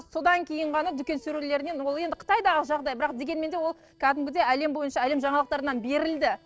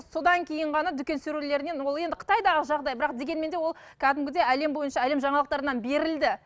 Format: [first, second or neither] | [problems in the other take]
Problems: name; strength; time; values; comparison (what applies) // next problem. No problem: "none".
second | noise reduction (neural separator model SepFormer DNS4)